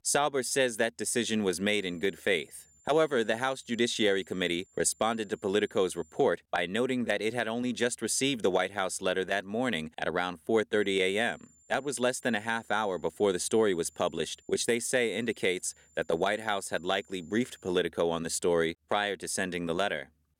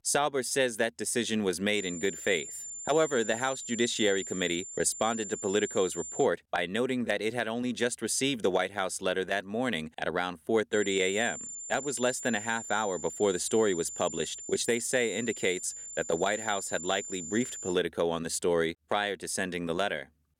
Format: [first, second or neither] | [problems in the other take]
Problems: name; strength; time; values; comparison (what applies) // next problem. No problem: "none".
first | high-pitched whine; loud; from 2 to 6.5 s and from 11 to 18 s; 7 kHz, 9 dB below the speech; faint in the first